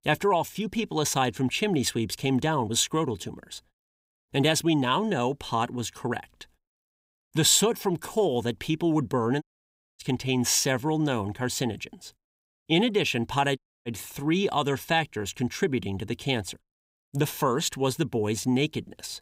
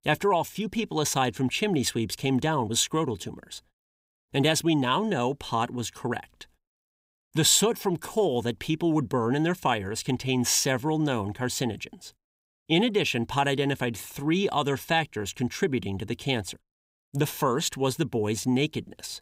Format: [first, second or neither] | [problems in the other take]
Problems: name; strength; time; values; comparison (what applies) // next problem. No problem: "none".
second | audio cutting out; at 9.5 s for 0.5 s and at 14 s